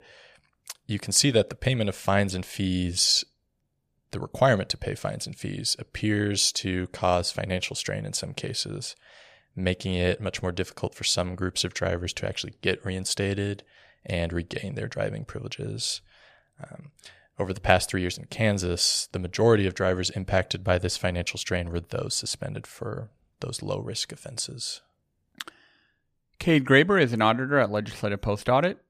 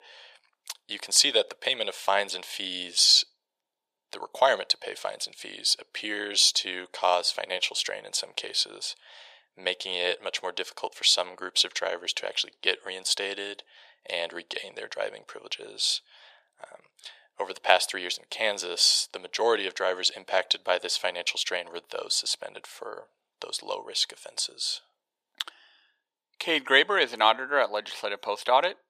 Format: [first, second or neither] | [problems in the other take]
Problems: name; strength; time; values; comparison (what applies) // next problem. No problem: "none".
first | thin; very; fading below 450 Hz